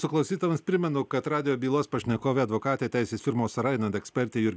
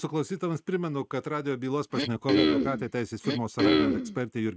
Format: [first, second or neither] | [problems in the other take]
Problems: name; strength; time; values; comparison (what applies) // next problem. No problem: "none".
first | noise reduction (neural mask model RNNoise)